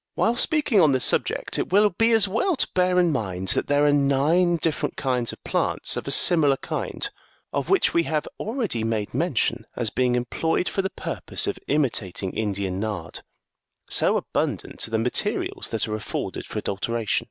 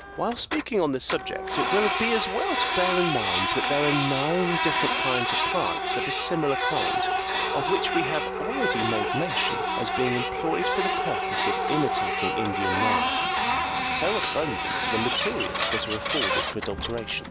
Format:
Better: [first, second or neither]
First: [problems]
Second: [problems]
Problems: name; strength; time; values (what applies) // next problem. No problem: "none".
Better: first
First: none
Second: background sound (Printer); 2 dB above the speech